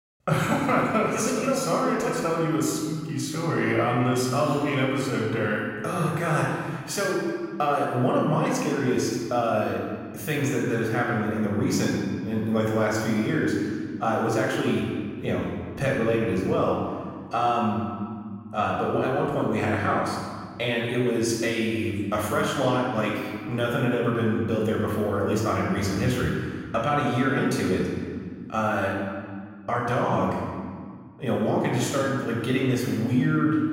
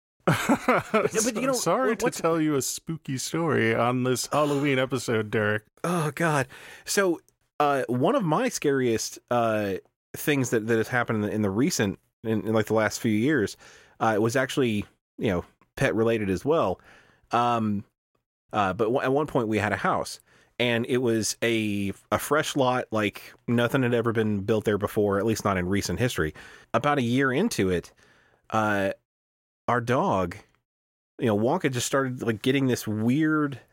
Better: second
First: room echo; noticeable; dies away in 1.7 s // off-mic speech; far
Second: none

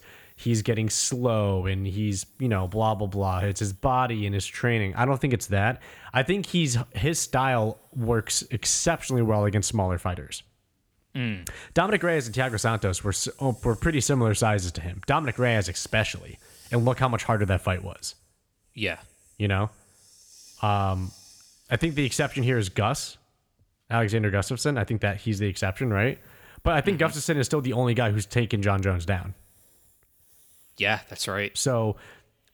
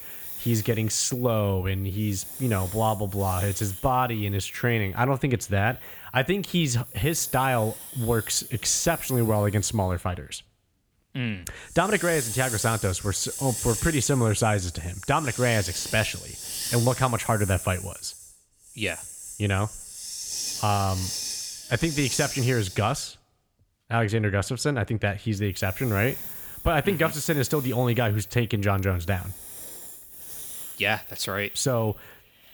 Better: first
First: hiss; faint; throughout; 30 dB below the speech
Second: hiss; loud; throughout; 9 dB below the speech

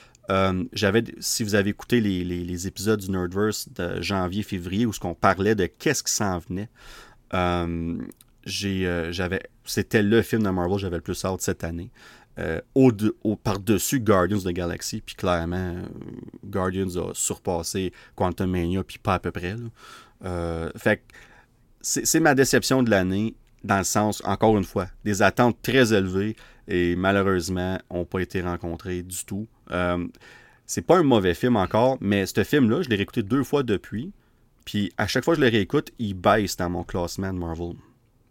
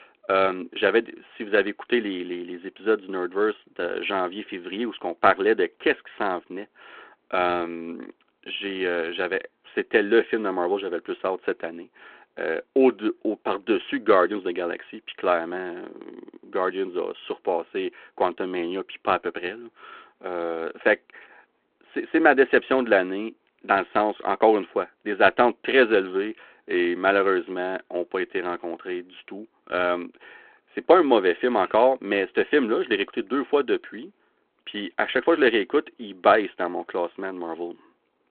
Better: first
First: none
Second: phone-call audio

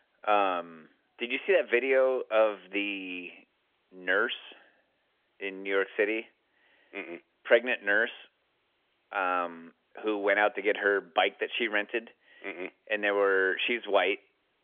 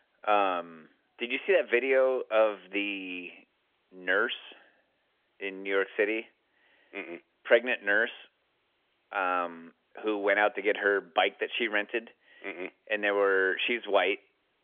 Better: neither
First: phone-call audio; nothing above 3.5 kHz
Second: phone-call audio; nothing above 3.5 kHz

